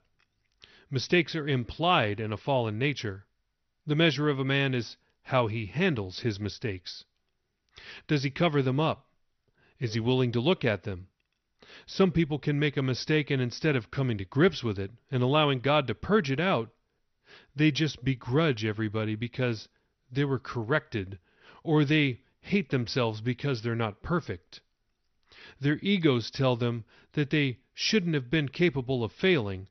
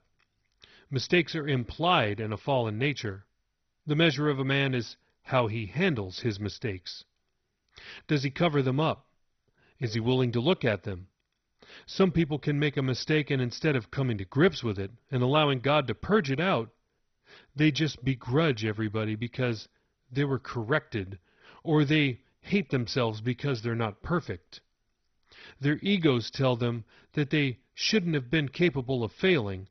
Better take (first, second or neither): first